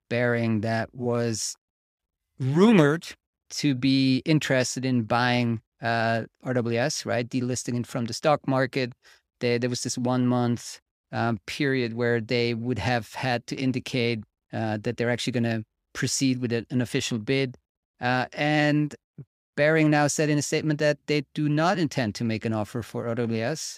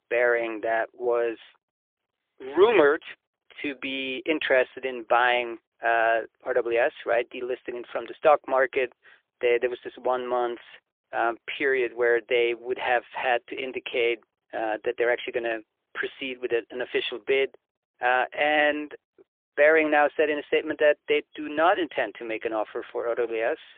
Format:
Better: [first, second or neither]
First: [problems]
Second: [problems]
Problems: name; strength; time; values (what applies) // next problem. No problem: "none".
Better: first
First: none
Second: phone-call audio; poor line; nothing above 3.5 kHz